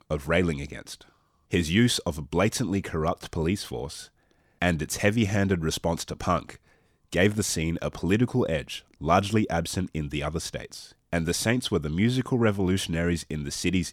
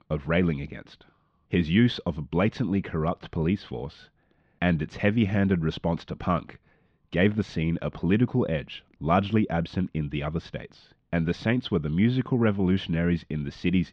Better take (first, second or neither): first